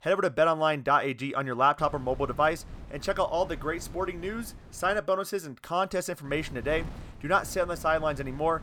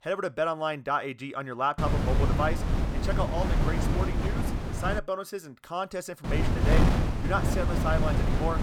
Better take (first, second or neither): first